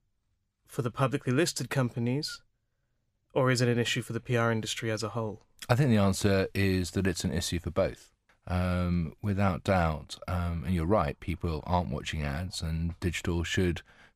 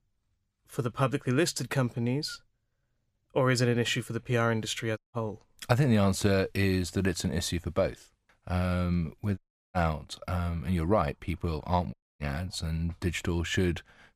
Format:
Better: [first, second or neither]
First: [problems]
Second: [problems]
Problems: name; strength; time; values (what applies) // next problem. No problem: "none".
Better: first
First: none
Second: audio cutting out; at 5 s, at 9.5 s and at 12 s